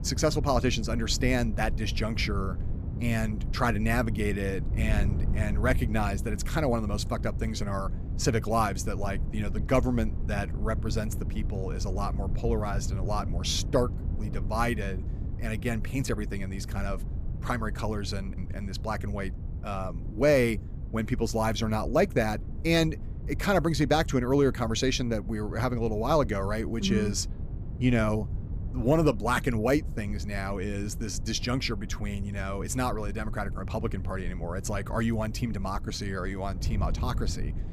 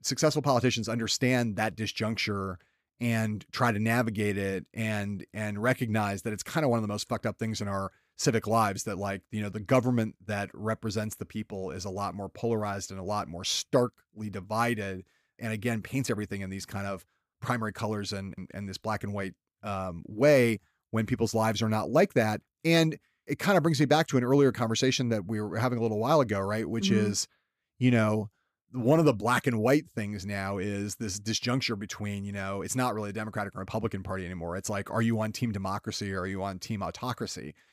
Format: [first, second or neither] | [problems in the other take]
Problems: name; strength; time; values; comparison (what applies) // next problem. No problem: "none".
second | wind noise on the microphone; occasional gusts; 15 dB below the speech